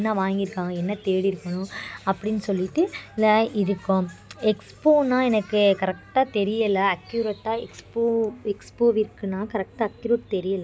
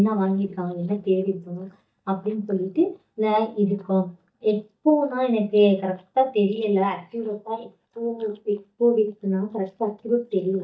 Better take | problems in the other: first | noise reduction (neural mask model DeepFilterNet 3)

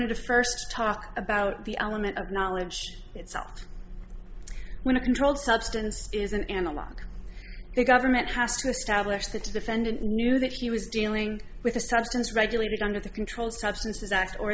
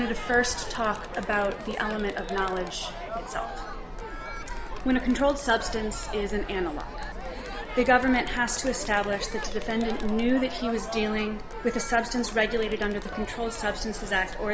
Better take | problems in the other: first | background sound (Crowd); 10 dB below the speech

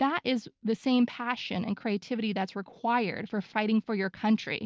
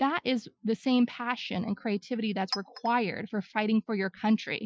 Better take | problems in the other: first | noise reduction (classical method Wiener filter)

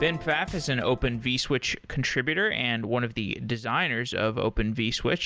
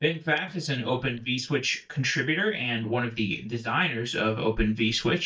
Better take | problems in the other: first | noise reduction (neural mask model DeepFilterNet 3)

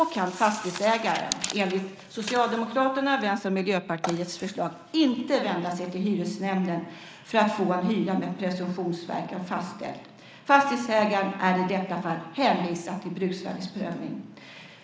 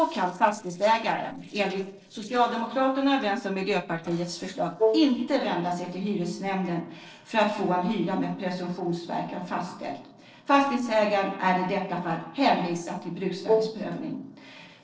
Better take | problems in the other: first | noise reduction (neural separator model SepFormer DNS4)

